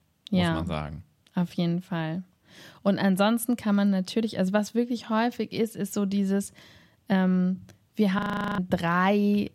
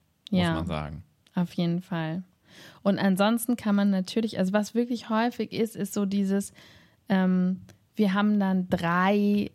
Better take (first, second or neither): second